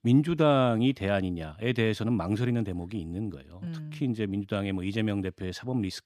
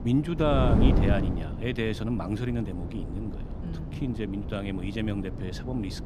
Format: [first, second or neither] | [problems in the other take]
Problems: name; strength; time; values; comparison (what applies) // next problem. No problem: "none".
first | wind noise on the microphone; heavy; 6 dB below the speech